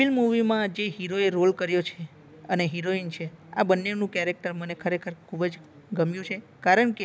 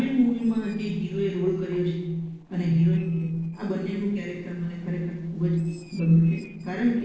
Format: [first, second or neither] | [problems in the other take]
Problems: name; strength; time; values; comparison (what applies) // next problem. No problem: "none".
first | noise reduction (neural separator model SepFormer DNS4)